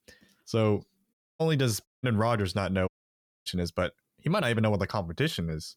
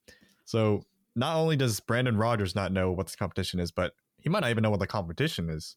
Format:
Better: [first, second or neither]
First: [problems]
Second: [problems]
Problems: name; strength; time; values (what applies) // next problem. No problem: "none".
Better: second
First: audio cutting out; at 1 s, at 2 s and at 3 s for 0.5 s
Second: none